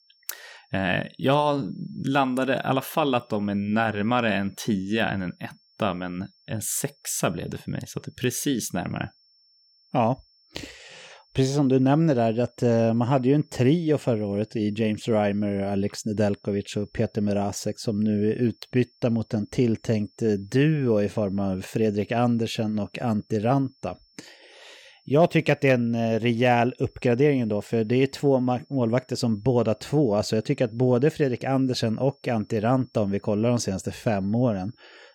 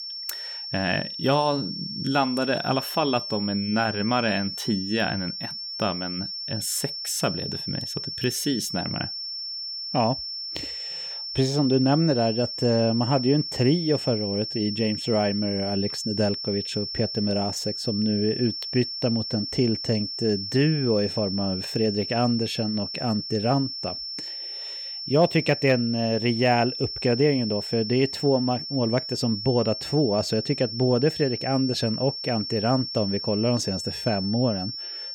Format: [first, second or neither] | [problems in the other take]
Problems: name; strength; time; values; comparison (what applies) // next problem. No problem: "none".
first | high-pitched whine; loud; throughout; 5.5 kHz, 6 dB below the speech; faint in the first